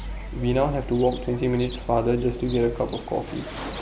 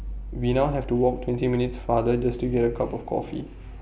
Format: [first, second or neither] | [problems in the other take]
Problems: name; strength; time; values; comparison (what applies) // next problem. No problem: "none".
second | background sound (Cricket); 15 dB below the speech